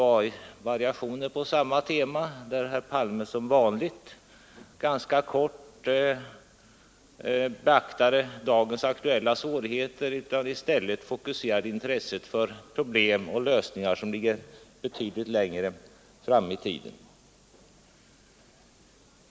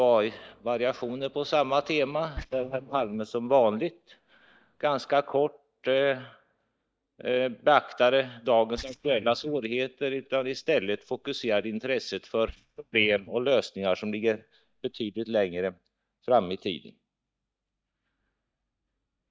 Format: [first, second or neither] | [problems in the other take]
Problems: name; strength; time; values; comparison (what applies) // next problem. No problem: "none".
first | noise reduction (neural mask model DeepFilterNet 3)